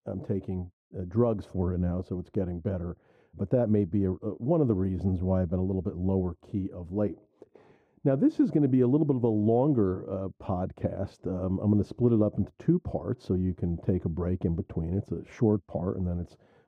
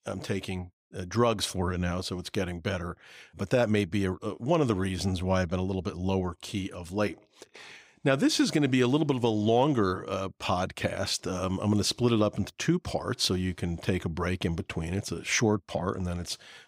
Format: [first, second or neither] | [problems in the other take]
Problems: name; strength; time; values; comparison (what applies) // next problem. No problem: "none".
second | muffled; very; fading above 1.5 kHz